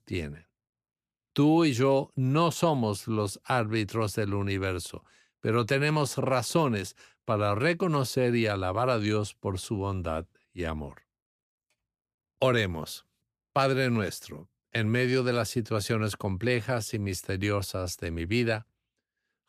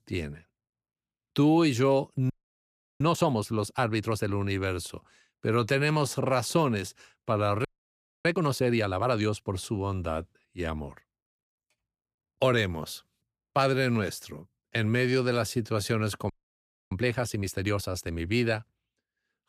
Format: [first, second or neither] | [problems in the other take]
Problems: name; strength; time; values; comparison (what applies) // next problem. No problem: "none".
first | audio freezing; at 2.5 s for 0.5 s, at 7.5 s for 0.5 s and at 16 s for 0.5 s